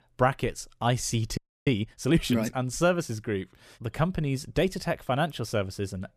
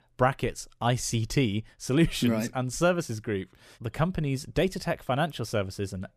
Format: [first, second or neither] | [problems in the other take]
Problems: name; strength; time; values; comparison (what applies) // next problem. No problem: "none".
second | audio freezing; at 1.5 s